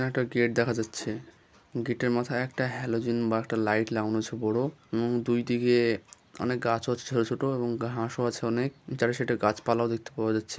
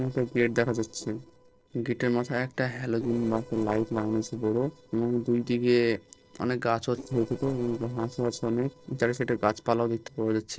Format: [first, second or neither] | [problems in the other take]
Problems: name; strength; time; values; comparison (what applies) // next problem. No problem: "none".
first | noise reduction (neural separator model SepFormer DNS4)